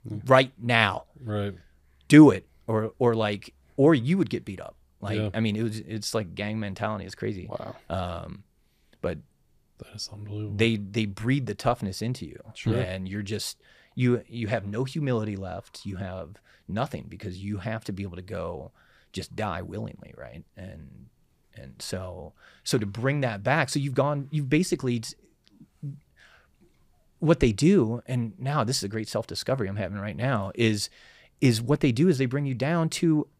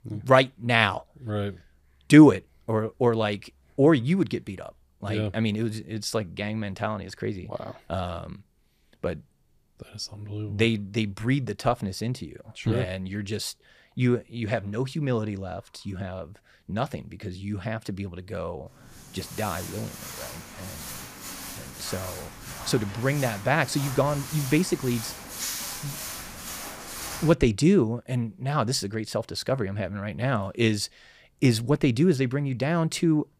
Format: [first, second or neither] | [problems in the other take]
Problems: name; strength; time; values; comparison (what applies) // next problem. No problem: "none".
first | footsteps; noticeable; from 19 to 27 s; peak 4 dB below the speech